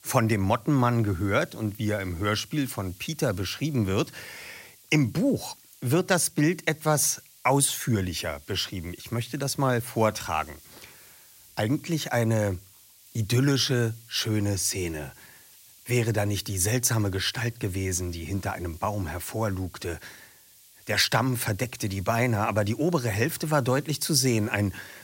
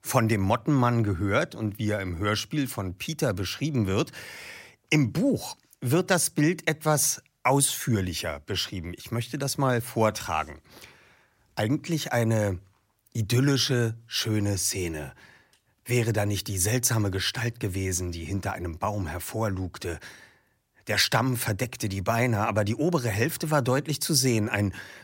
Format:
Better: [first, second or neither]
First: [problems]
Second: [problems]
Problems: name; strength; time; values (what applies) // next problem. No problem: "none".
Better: second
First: hiss; faint; throughout; 25 dB below the speech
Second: none